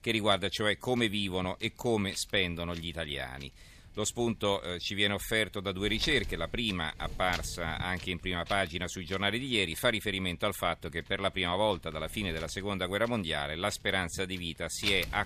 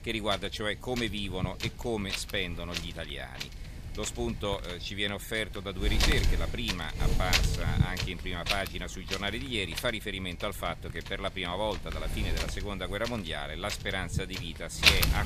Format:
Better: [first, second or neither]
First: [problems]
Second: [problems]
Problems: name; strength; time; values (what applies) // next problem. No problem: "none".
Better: first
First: wind noise on the microphone; occasional gusts; 15 dB below the speech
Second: wind noise on the microphone; heavy; 1 dB above the speech